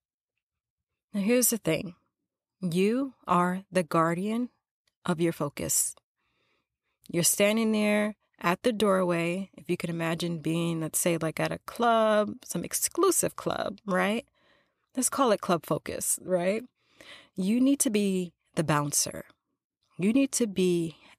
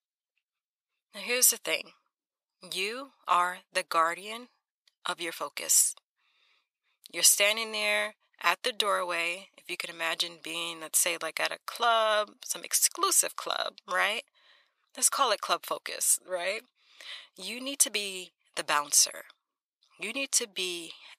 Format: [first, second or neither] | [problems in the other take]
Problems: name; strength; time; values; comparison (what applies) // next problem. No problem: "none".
first | thin; very; fading below 850 Hz